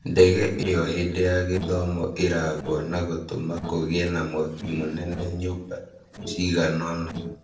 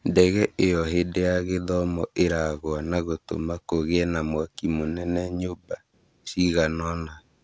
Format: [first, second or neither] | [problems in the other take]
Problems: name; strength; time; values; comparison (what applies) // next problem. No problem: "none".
second | noise reduction (neural separator model SepFormer DNS4)